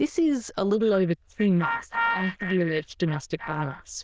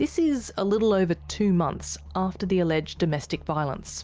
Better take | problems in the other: second | noise reduction (neural diffusion model UNIVERSE++)

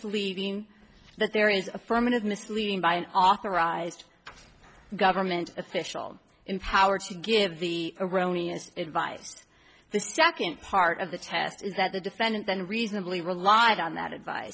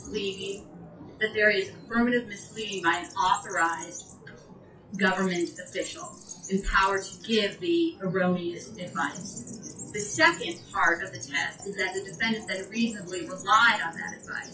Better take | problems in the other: first | noise reduction (classical method WPE with log-MMSE)

